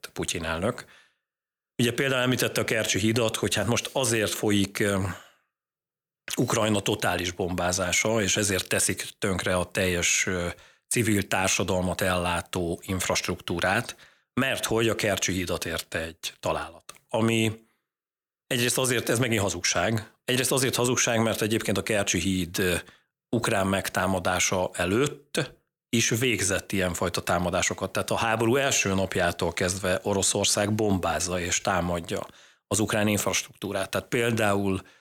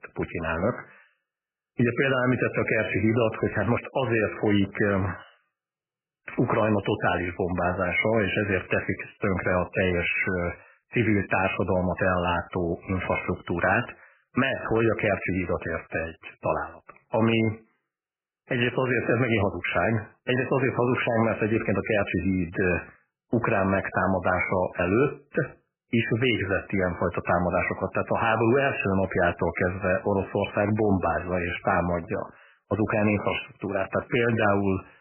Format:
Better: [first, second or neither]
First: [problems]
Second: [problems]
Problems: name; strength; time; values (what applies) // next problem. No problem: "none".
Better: first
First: none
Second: garbled, watery; badly; nothing above 3 kHz